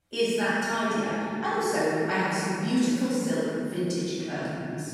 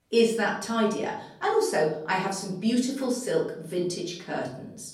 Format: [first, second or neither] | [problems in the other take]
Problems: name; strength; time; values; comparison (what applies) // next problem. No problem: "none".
second | room echo; strong; dies away in 3 s; slight in the second // off-mic speech; far; far in the second